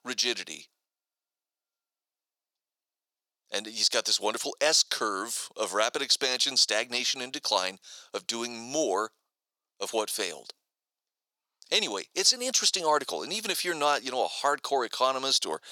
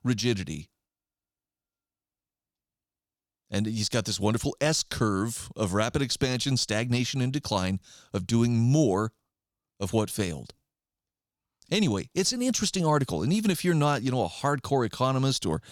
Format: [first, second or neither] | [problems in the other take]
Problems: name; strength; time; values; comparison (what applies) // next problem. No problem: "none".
second | thin; very; fading below 450 Hz